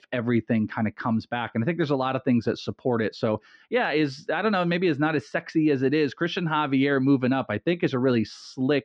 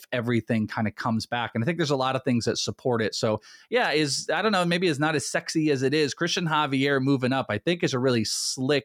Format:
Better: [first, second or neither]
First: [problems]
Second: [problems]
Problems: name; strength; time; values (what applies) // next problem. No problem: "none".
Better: second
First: muffled; slightly; fading above 3 kHz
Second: none